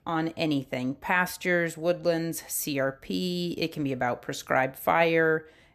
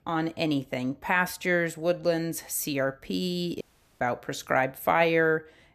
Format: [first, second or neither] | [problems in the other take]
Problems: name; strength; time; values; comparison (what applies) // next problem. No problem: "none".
first | audio cutting out; at 3.5 s